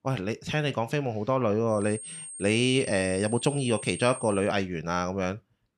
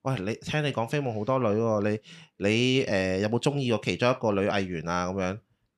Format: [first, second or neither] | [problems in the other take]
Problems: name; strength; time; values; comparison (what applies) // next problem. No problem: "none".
second | high-pitched whine; noticeable; from 2 to 4.5 s; 8.5 kHz, 10 dB below the speech